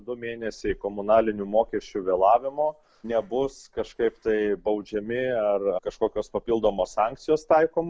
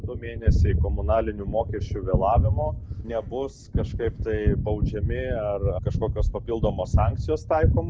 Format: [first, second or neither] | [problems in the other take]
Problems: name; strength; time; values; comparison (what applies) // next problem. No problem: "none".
first | background sound (Gunshot, gunfire); 3 dB above the speech